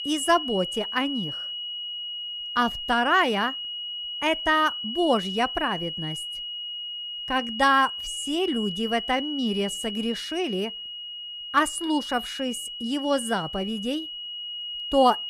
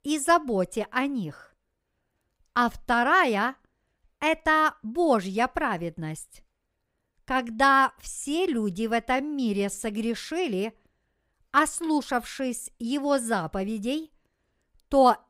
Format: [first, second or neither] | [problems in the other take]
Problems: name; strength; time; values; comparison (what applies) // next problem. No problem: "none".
second | high-pitched whine; loud; throughout; 3 kHz, 6 dB below the speech